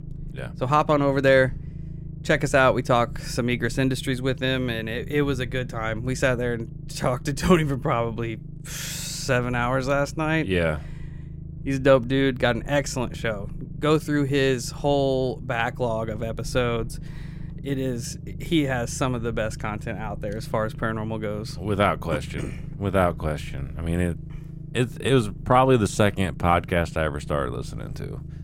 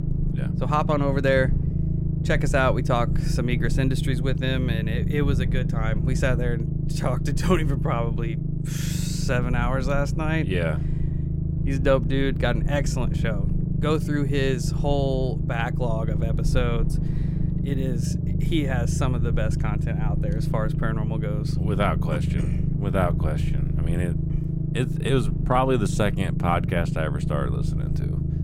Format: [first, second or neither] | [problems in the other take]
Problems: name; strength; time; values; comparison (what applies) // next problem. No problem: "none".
first | low rumble; loud; throughout; 8 dB below the speech; faint in the first